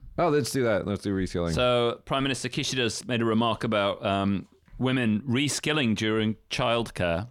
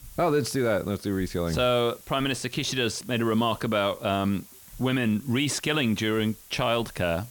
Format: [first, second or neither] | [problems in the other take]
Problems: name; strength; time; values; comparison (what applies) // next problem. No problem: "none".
first | hiss; faint; throughout; 20 dB below the speech